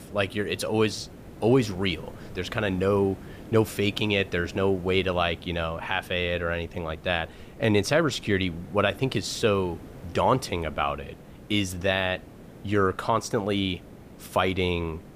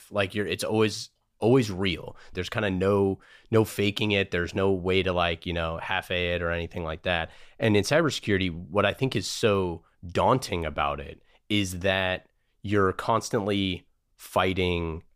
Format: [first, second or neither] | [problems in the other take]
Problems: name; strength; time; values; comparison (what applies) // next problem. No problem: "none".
second | hiss; noticeable; throughout; 20 dB below the speech